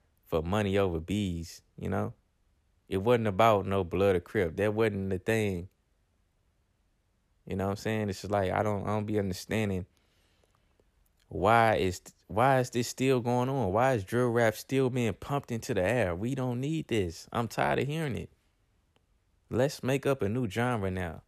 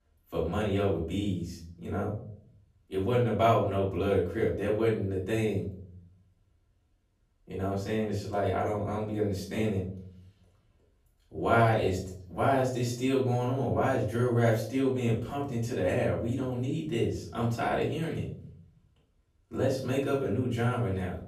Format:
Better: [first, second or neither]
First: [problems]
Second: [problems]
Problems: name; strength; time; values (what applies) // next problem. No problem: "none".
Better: first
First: none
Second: off-mic speech; far // room echo; noticeable; dies away in 0.6 s